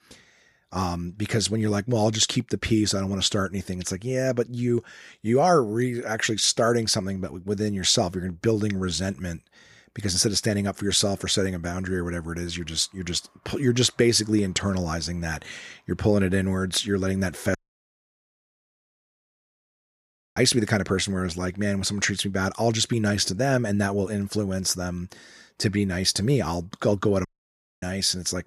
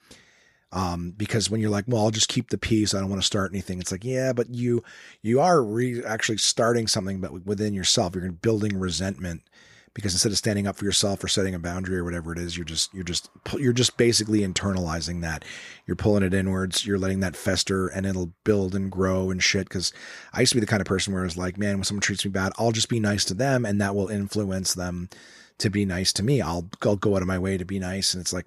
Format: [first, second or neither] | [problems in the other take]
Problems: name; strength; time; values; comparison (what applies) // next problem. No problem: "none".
second | audio cutting out; at 18 s for 3 s and at 27 s for 0.5 s